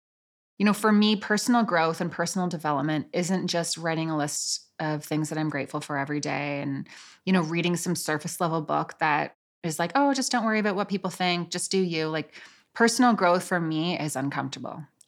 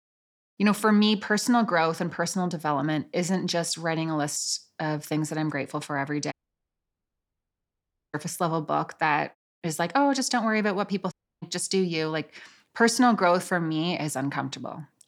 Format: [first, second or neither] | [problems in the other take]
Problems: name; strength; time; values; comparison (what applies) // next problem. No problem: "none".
first | audio cutting out; at 6.5 s for 2 s and at 11 s